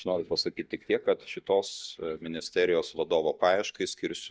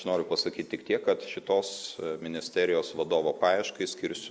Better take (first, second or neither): second